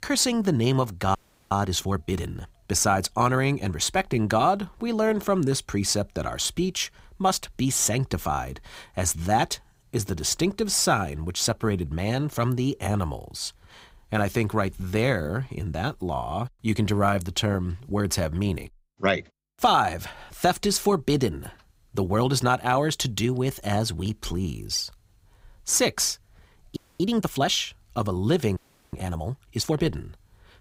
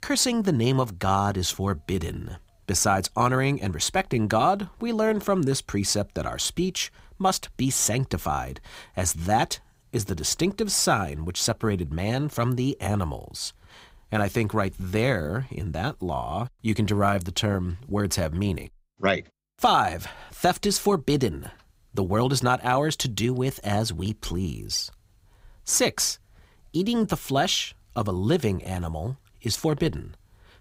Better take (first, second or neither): second